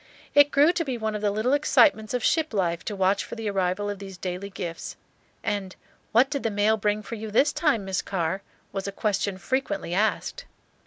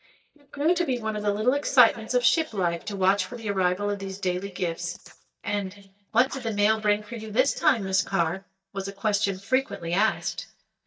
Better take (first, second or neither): first